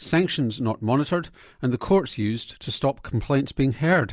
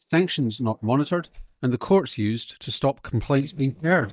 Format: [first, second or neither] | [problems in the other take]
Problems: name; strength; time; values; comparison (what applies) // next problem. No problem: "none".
first | noise reduction (neural mask model DeepFilterNet 3)